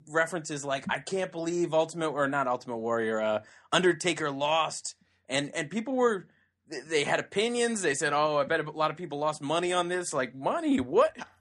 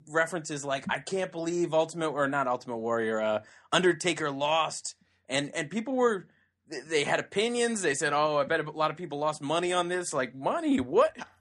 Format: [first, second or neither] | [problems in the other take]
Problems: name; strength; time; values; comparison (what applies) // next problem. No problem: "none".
neither | none